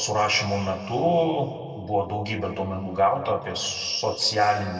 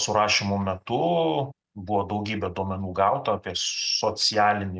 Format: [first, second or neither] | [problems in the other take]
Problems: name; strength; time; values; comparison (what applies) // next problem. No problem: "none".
second | room echo; dies away in 2.2 s